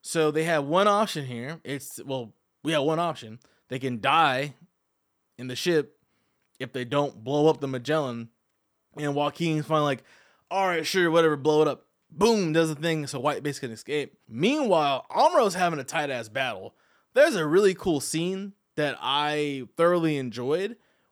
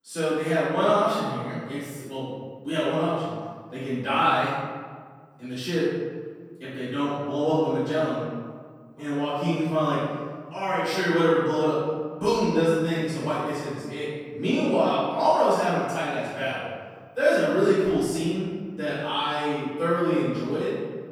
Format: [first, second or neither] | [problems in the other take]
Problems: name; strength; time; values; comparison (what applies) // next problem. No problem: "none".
first | room echo; strong; dies away in 1.5 s // off-mic speech; far